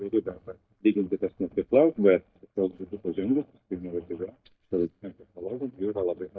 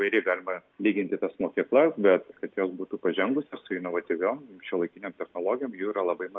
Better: second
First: noise reduction (neural mask model DeepFilterNet 3)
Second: none

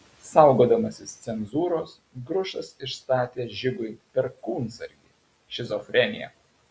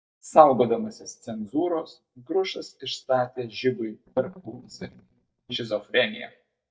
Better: first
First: none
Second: noise reduction (neural mask model DeepFilterNet 3)

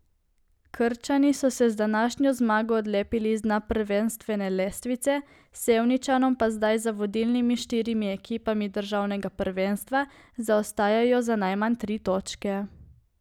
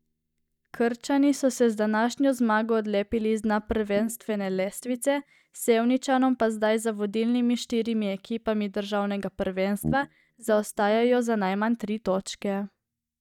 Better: first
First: none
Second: noise reduction (neural mask model DeepFilterNet 3)

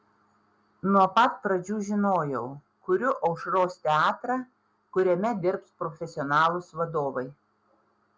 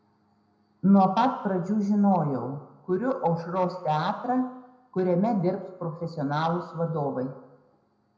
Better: first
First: none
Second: room echo; dies away in 0.7 s

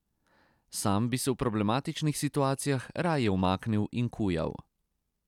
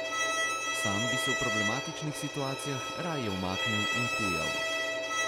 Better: first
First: none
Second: background sound (Bowed string instrument); 5 dB above the speech

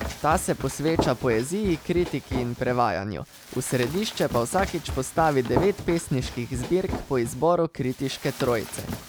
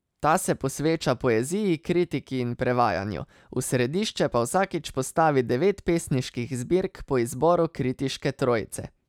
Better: second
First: background sound (Run); 9 dB below the speech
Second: none

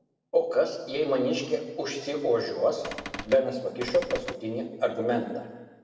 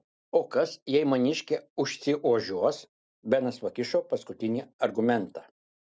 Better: second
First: background sound (Cupboard open or close / Door); 9 dB below the speech // room echo; dies away in 1.2 s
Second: none

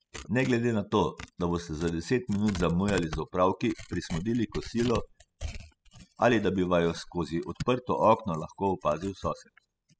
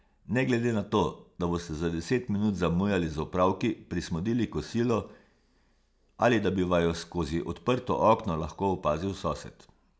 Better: second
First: noise reduction (classical method spectral subtraction)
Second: none

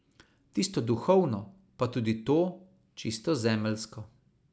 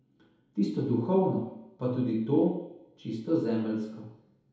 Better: first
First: none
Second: room echo; dies away in 1.9 s

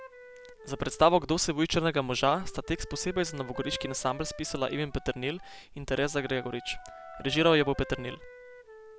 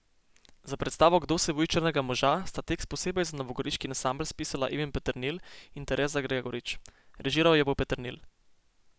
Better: second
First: background sound (Wind instrument, woodwind instrument + Wind instrument, woodwind instrument); 17 dB below the speech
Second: none

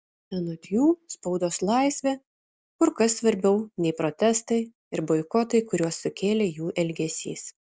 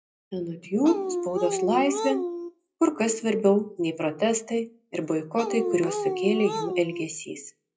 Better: first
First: none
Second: noise reduction (classical method WPE with log-MMSE)

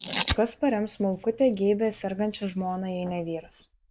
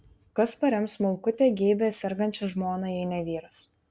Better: second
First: noise reduction (neural mask model Resemble Enhance denoiser)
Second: none

